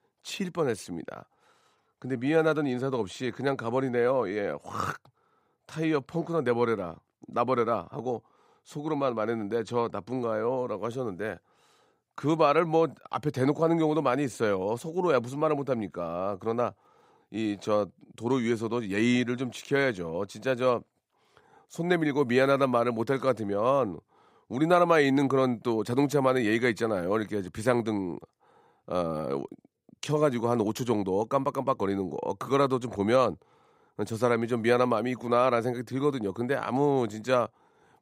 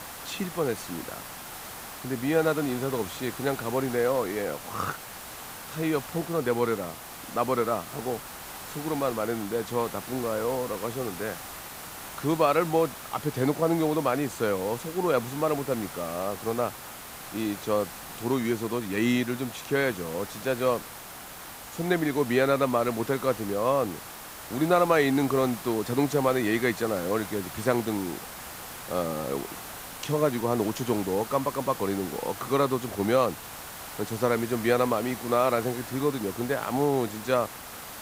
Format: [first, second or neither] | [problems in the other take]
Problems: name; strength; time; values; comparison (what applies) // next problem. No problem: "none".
first | hiss; noticeable; throughout; 10 dB below the speech